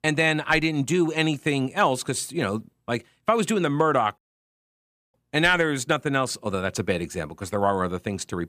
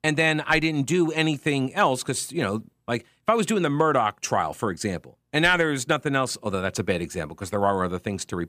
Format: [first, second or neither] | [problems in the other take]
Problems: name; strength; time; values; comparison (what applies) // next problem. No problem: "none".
second | audio cutting out; at 4 s for 1 s